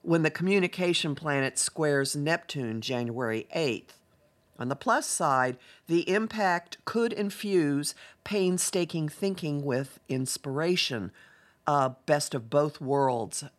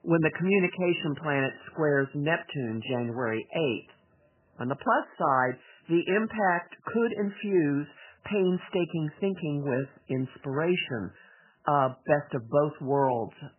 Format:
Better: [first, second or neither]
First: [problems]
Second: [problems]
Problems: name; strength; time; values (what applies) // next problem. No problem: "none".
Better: first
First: none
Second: garbled, watery; badly; nothing above 3 kHz